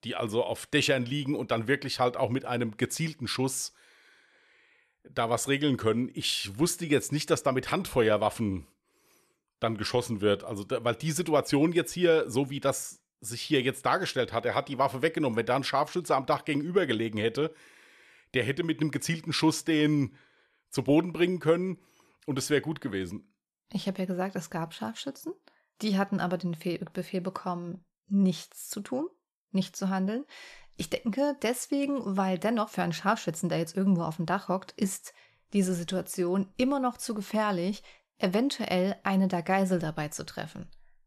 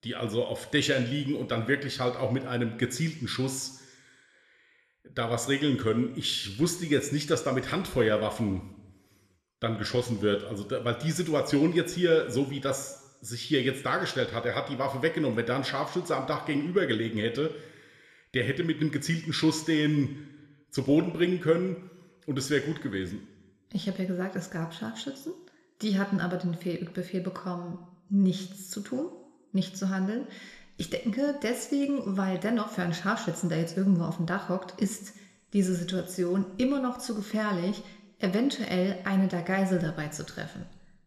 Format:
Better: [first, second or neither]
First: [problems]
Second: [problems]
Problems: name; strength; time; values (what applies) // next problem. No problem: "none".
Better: first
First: none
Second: room echo; very slight; dies away in 0.9 s